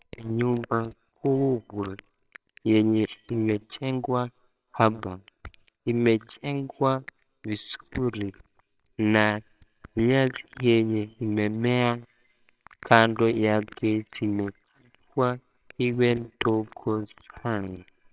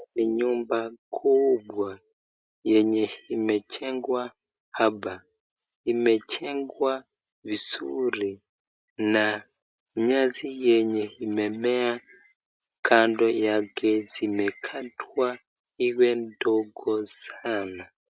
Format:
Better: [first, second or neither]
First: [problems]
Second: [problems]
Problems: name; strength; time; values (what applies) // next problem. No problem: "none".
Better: second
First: noise reduction (neural separator model SepFormer WHAMR!)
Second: none